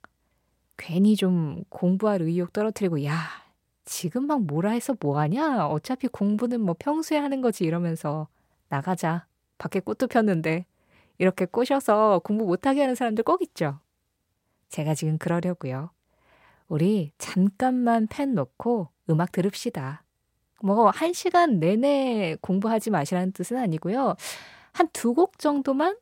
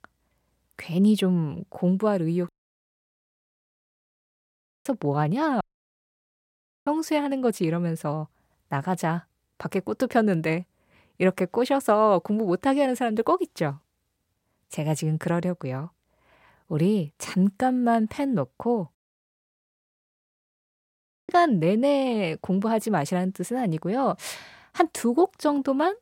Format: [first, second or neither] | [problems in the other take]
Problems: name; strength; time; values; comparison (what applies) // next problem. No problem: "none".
first | audio cutting out; at 2.5 s for 2.5 s, at 5.5 s for 1.5 s and at 19 s for 2.5 s